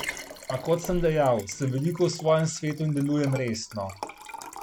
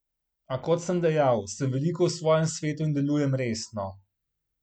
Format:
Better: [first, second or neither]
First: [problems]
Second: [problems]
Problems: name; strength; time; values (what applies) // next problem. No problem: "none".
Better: second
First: background sound (Liquid); 12 dB below the speech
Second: none